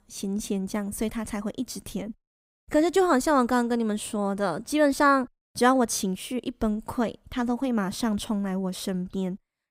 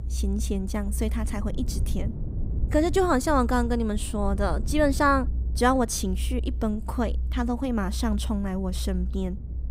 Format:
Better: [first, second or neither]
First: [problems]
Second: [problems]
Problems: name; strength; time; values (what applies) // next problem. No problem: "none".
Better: first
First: none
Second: low rumble; faint; throughout; 20 dB below the speech